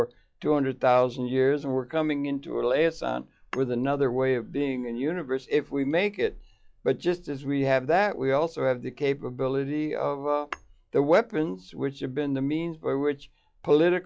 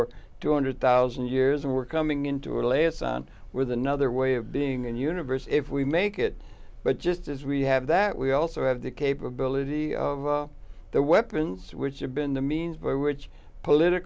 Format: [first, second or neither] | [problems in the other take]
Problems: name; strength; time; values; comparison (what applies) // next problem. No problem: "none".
second | noise reduction (classical method log-MMSE)